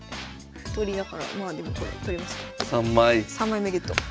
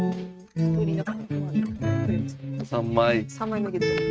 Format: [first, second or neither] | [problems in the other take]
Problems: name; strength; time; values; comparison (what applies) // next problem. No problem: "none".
first | noise reduction (neural mask model RNNoise)